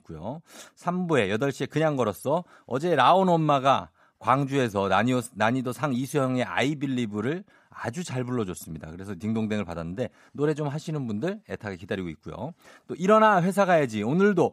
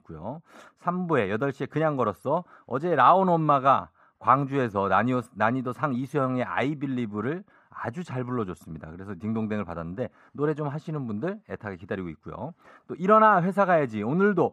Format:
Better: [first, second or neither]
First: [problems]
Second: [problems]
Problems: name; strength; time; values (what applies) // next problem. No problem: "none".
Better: first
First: none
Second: muffled; slightly; fading above 3 kHz